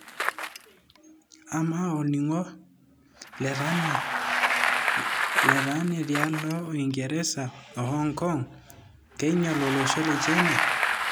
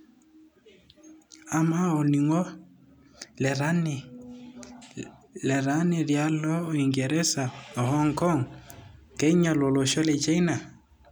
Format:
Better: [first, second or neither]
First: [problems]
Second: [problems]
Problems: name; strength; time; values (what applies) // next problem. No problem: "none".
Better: second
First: background sound (Bicycle); as loud as the speech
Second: none